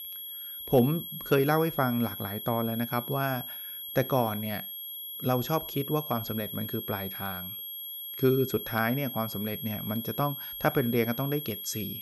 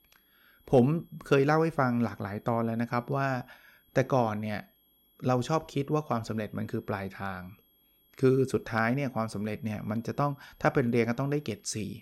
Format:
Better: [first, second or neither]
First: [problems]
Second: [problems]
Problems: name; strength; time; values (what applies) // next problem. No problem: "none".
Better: second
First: high-pitched whine; loud; throughout; 11.5 kHz, 7 dB below the speech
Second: high-pitched whine; faint; throughout; 11.5 kHz, 35 dB below the speech